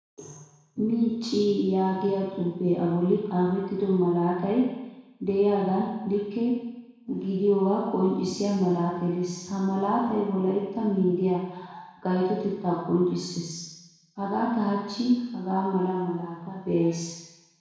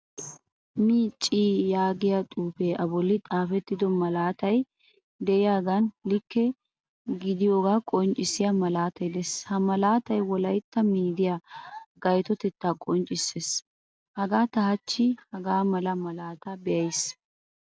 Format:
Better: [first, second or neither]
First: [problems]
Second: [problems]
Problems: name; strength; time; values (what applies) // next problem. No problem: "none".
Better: second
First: room echo; dies away in 1 s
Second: none